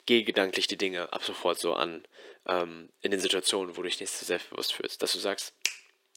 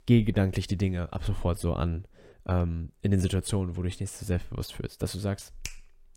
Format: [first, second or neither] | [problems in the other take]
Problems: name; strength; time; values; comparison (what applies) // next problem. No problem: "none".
second | thin; very; fading below 350 Hz